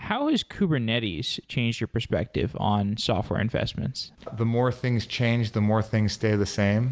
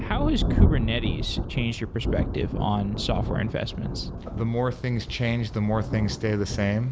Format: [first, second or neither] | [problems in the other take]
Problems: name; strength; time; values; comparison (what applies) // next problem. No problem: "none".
first | background sound (Thunder); 1 dB below the speech